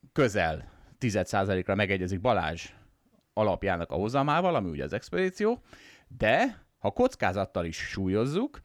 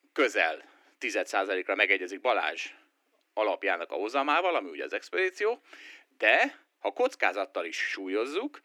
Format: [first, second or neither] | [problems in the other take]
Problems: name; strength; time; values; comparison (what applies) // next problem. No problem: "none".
first | thin; somewhat; fading below 300 Hz